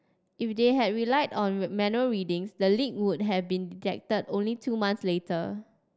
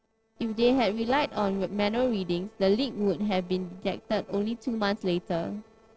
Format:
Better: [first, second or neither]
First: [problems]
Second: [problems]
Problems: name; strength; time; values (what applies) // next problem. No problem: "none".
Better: first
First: none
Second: noise reduction (neural separator model SepFormer DNS4)